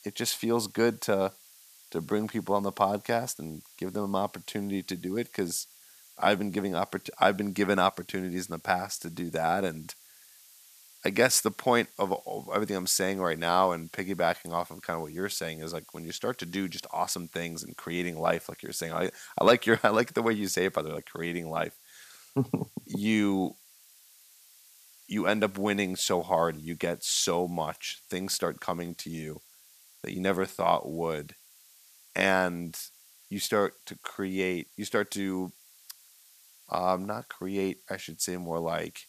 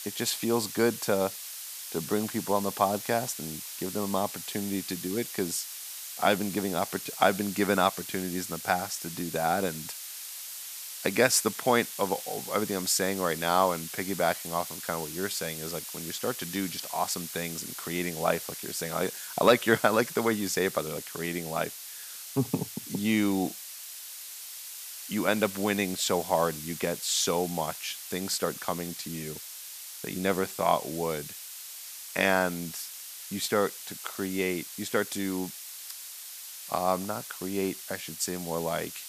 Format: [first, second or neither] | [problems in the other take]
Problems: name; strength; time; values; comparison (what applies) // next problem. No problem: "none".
first | hiss; loud; throughout; 8 dB below the speech; faint in the first